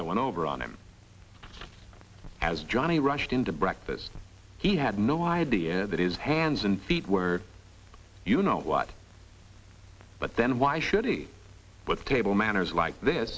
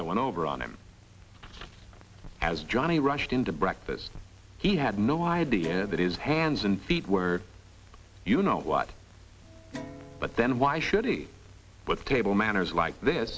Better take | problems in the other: first | background sound (Guitar); 18 dB below the speech

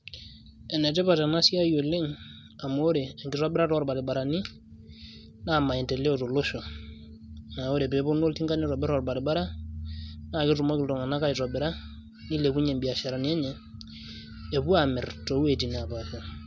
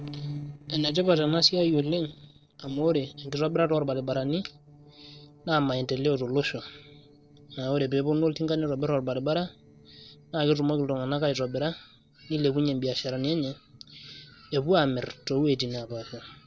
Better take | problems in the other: first | noise reduction (neural separator model SepFormer DNS4)

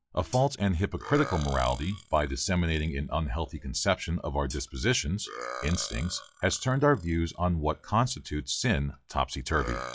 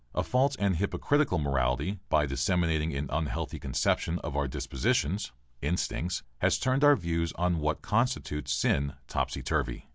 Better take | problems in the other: second | noise reduction (classical method log-MMSE)

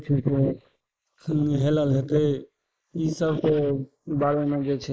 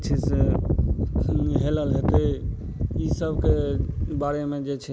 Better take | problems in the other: second | noise reduction (neural mask model Resemble Enhance denoiser)

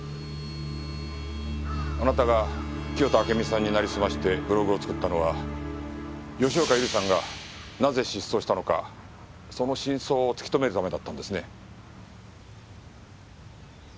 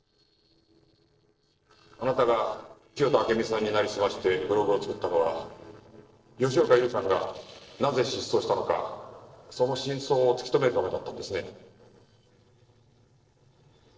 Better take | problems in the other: first | noise reduction (neural separator model SepFormer DNS4)

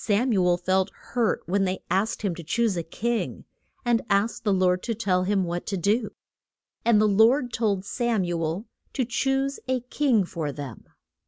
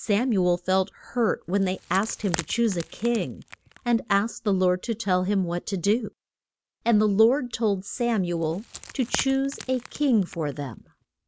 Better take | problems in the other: first | background sound (Wood); 16 dB below the speech

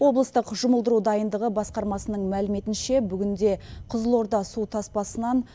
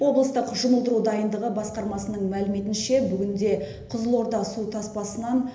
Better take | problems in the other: first | room echo; dies away in 0.8 s

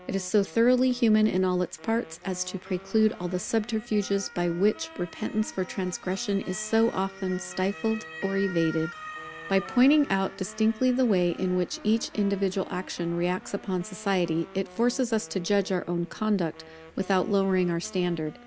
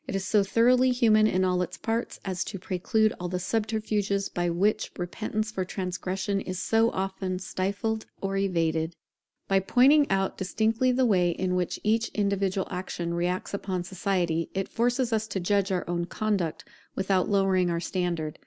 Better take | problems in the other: second | background sound (Motor vehicle (road) / Siren + Wind instrument, woodwind instrument); 18 dB below the speech

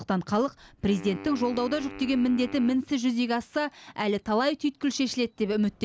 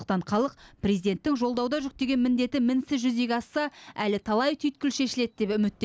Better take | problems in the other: second | background sound (Wind instrument, woodwind instrument); 17 dB below the speech

